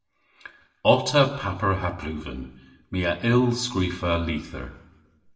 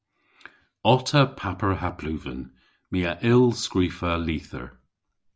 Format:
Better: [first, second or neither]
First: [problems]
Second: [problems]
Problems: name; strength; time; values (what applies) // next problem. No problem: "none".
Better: second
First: room echo; dies away in 0.9 s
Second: none